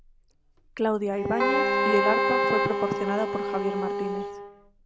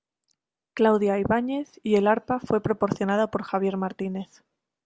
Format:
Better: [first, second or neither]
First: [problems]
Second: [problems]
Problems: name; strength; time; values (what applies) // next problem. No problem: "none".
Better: second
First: background sound (Bowed string instrument + Keyboard (musical)); 3 dB above the speech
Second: none